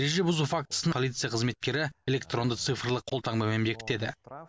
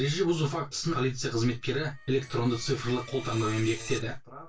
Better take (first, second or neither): first